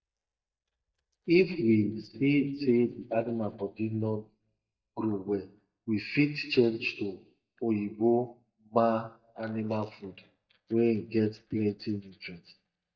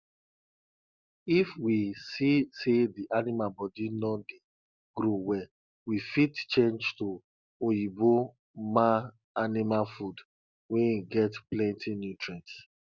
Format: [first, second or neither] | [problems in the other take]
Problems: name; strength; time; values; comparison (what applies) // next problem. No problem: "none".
second | noise reduction (neural mask model DeepFilterNet 3)